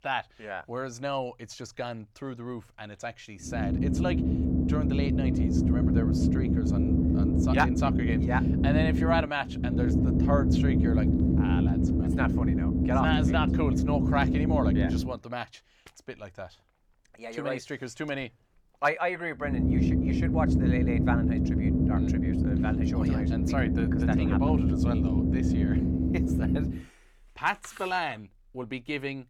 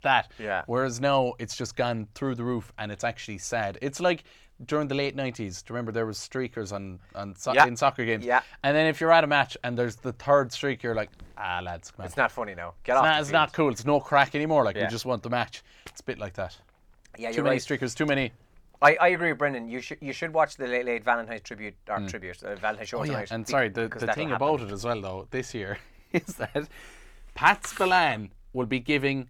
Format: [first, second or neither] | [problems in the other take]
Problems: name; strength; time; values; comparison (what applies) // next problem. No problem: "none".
second | low rumble; loud; from 3.5 to 15 s and from 20 to 27 s; as loud as the speech